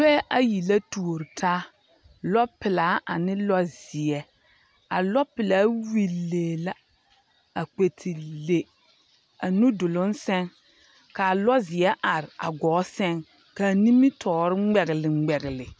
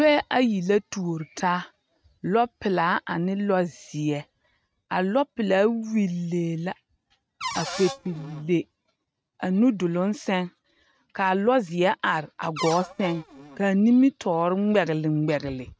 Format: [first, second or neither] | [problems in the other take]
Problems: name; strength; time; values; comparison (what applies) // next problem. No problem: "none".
first | noise reduction (neural mask model RNNoise)